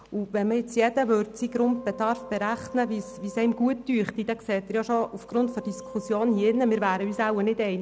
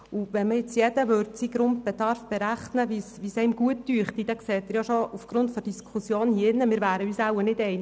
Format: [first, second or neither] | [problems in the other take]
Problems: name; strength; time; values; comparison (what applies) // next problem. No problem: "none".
second | background sound (Wind instrument, woodwind instrument); 19 dB below the speech